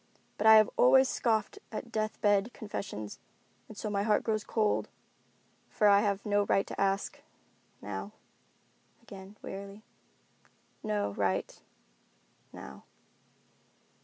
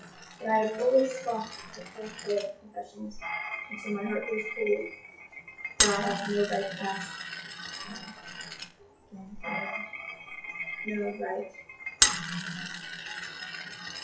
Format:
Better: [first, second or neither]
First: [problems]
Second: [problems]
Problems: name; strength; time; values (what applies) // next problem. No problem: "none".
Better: first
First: none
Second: noise reduction (classical method WPE with log-MMSE)